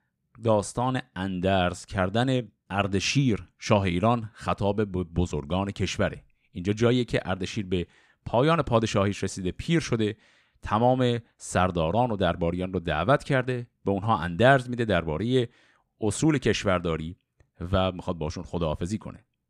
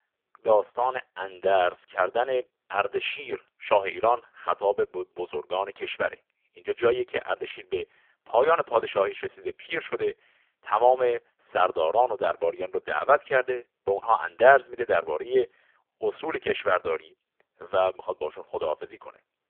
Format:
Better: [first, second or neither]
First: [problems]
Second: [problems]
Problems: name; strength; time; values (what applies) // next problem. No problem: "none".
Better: first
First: none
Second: phone-call audio; poor line; nothing above 3.5 kHz